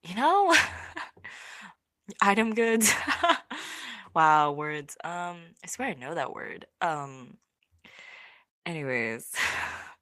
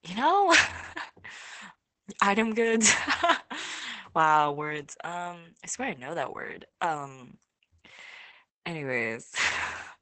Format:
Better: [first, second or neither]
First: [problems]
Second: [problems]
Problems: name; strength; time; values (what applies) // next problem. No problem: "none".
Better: first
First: garbled, watery; slightly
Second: garbled, watery; badly; nothing above 8 kHz